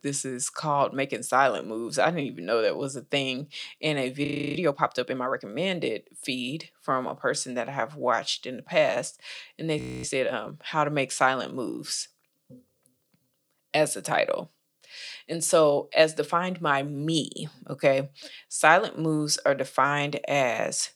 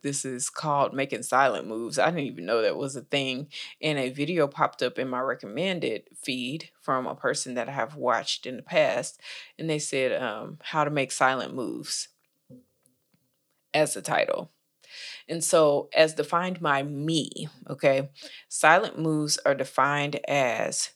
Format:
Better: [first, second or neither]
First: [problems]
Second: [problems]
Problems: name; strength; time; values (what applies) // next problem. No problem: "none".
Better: second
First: audio freezing; at 4.5 s and at 10 s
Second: none